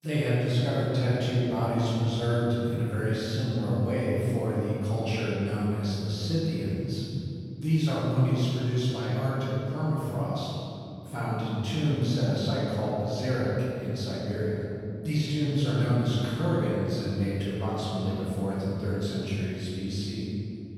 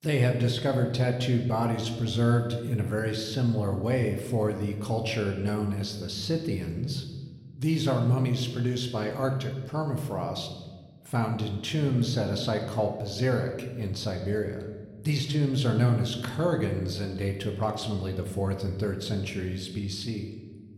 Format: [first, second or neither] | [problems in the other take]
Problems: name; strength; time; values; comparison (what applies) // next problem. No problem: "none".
second | room echo; strong; dies away in 2.9 s; slight in the second // off-mic speech; far